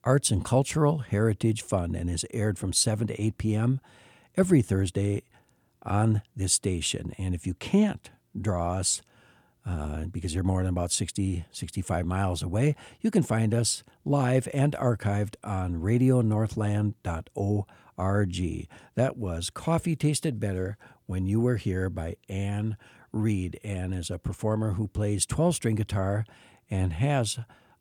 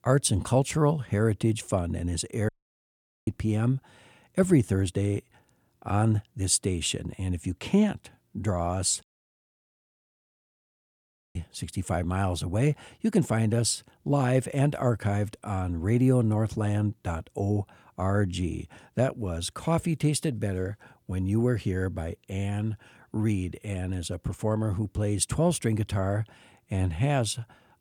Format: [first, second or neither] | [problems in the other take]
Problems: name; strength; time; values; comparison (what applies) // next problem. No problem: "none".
first | audio cutting out; at 2.5 s for 1 s and at 9 s for 2.5 s